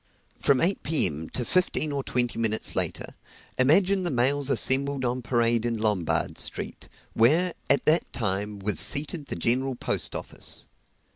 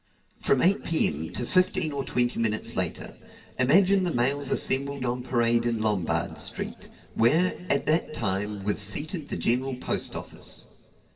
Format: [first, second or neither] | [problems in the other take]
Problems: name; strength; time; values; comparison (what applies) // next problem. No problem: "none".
first | room echo; dies away in 2.2 s